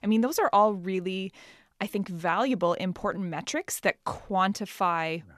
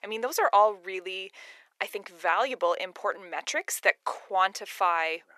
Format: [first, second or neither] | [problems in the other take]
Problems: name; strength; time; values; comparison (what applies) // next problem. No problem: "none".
first | thin; very; fading below 450 Hz